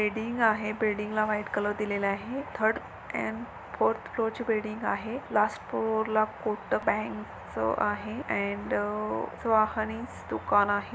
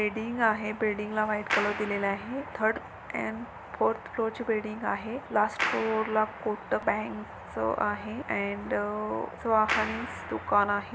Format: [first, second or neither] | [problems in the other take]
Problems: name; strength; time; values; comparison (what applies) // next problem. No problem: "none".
first | background sound (Clapping); 10 dB below the speech